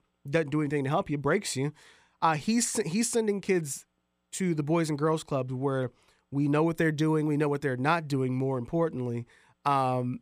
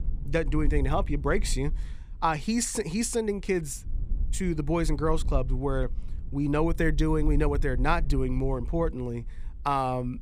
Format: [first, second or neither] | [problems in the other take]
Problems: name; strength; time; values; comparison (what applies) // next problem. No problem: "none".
first | wind noise on the microphone; occasional gusts; 25 dB below the speech